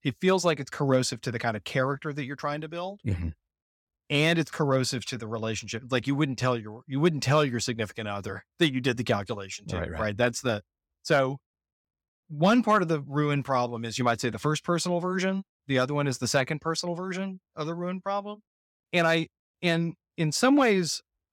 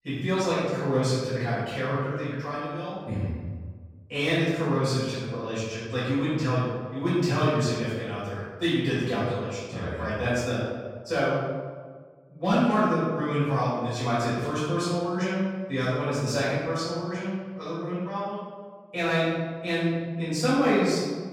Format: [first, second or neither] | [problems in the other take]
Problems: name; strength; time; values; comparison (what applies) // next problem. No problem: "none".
first | room echo; strong; dies away in 1.3 s // off-mic speech; far